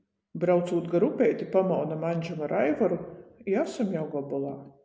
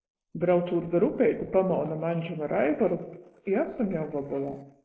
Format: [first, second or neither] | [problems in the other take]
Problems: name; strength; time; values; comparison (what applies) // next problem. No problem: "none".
first | noise reduction (neural mask model Resemble Enhance denoiser)